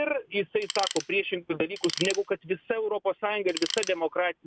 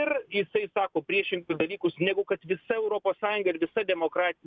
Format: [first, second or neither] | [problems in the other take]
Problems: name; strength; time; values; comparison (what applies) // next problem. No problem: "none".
second | background sound (Tools); 7 dB below the speech